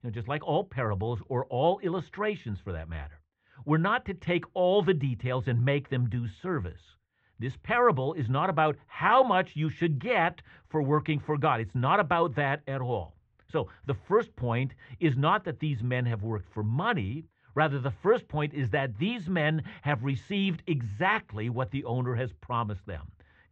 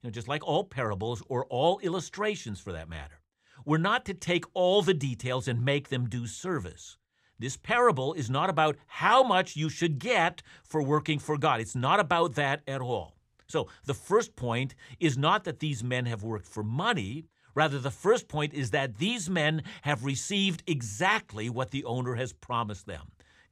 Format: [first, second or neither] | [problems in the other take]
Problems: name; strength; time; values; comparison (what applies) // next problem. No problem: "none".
second | muffled; very; fading above 2.5 kHz